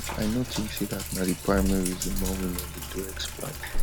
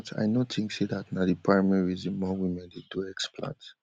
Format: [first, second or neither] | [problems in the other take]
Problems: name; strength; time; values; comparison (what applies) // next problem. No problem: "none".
second | background sound (Sink (filling or washing)); 1 dB below the speech